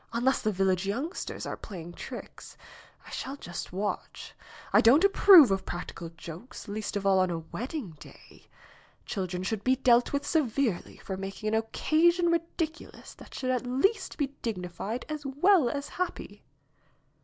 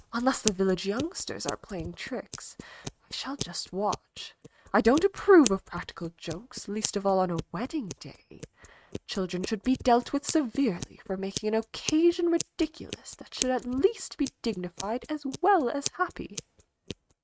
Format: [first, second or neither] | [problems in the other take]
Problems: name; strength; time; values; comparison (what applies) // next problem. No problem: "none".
first | noise reduction (neural mask model RNNoise)